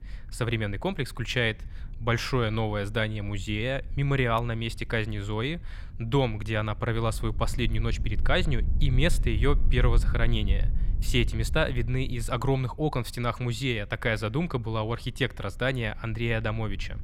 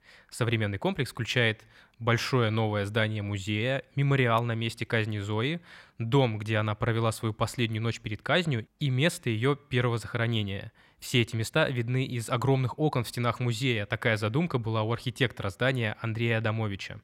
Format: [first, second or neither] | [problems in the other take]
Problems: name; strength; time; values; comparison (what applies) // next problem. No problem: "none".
second | low rumble; faint; throughout; 20 dB below the speech